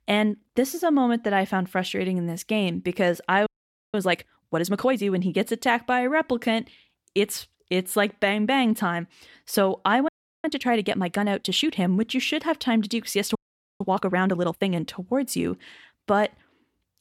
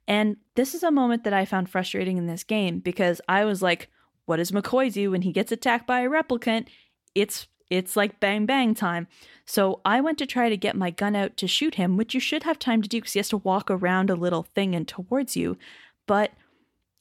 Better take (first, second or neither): second